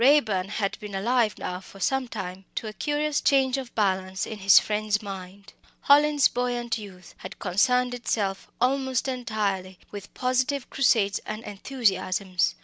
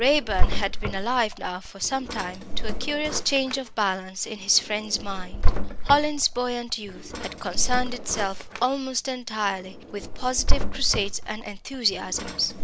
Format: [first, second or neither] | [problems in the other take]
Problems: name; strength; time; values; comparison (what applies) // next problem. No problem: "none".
first | background sound (Drawer open or close); 3 dB above the speech